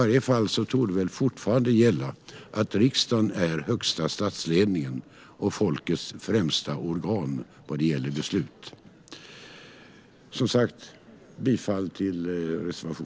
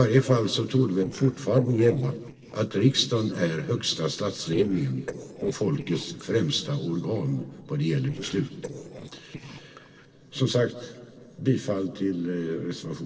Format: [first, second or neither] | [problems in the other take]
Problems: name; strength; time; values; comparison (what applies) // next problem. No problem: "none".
first | noise reduction (neural separator model SepFormer DNS4)